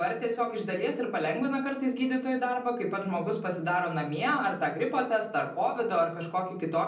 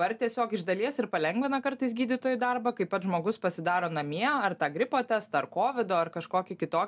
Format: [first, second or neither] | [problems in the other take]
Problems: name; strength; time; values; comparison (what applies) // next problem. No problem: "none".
second | room echo; dies away in 0.6 s